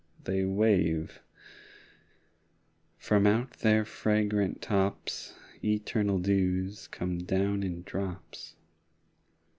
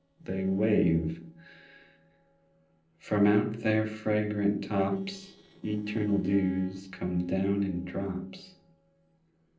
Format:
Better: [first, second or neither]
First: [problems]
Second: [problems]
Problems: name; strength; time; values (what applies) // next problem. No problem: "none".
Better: first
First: none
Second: noise reduction (neural separator model SepFormer DNS4)